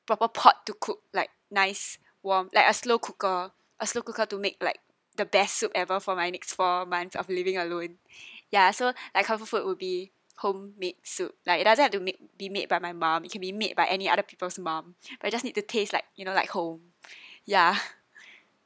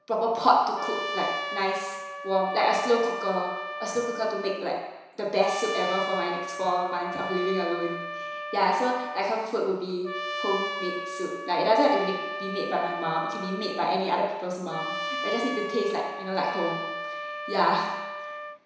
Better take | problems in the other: first | background sound (Trumpet); 7 dB below the speech // room echo; dies away in 1 s

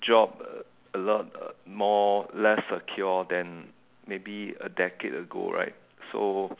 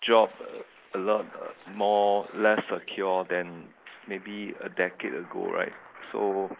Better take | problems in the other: first | noise reduction (neural mask model Resemble Enhance denoiser)

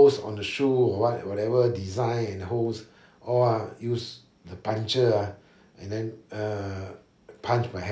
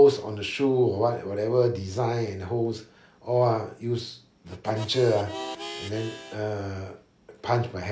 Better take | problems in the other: first | background sound (Harmonica); 13 dB below the speech

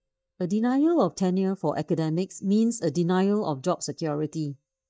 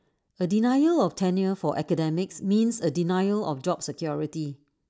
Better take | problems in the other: second | noise reduction (neural mask model DeepFilterNet 3)

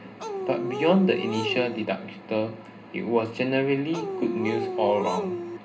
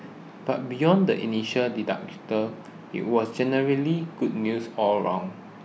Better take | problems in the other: second | background sound (Dog); 4 dB below the speech // room echo; dies away in 0.2 s

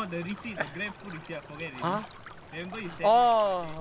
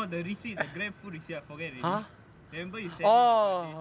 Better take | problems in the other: second | background sound (Stream); 16 dB below the speech

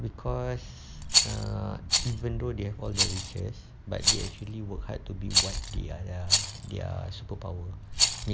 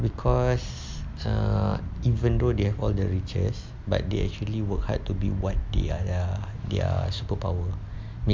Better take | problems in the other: second | background sound (Rattle); 2 dB above the speech

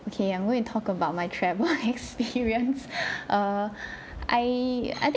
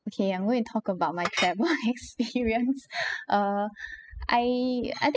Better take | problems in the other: first | noise reduction (classical method spectral subtraction)

